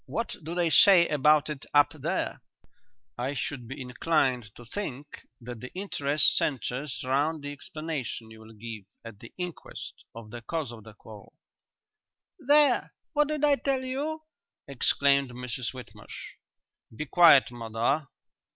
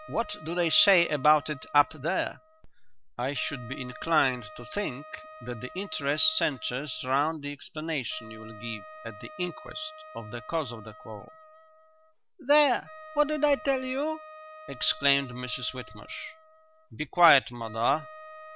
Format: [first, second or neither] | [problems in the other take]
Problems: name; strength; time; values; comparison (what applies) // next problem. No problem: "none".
first | background sound (Wind instrument, woodwind instrument); 17 dB below the speech